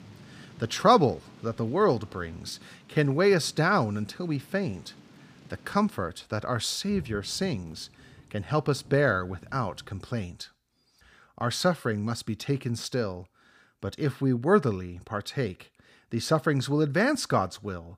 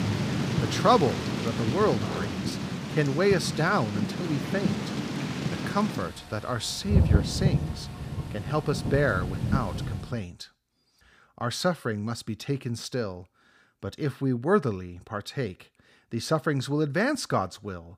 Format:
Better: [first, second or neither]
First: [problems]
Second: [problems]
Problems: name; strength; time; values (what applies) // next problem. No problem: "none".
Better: first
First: rain or running water; faint; until 10 s; 25 dB below the speech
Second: rain or running water; loud; until 10 s; 1 dB below the speech